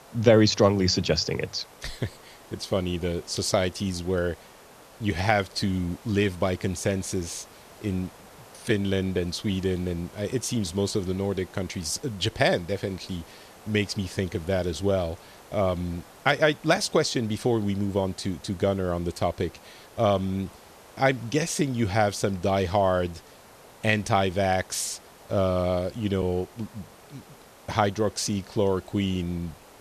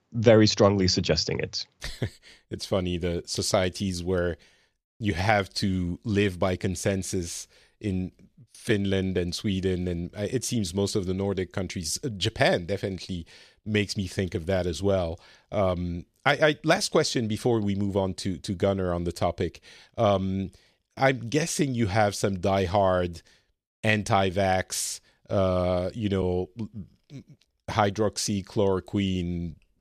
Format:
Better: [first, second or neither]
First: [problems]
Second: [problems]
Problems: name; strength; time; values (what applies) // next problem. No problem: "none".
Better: second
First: hiss; faint; throughout; 25 dB below the speech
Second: none